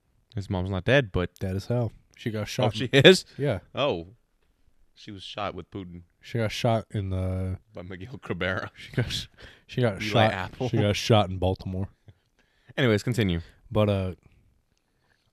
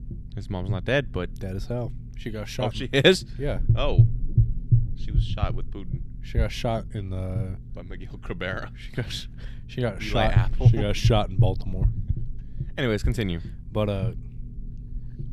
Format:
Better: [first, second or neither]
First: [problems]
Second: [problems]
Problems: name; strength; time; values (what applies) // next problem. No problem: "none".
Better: first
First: none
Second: low rumble; noticeable; throughout; 10 dB below the speech